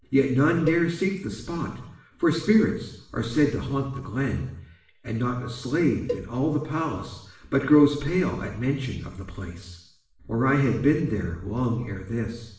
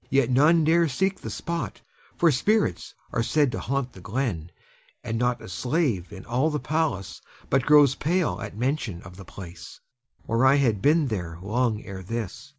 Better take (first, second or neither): second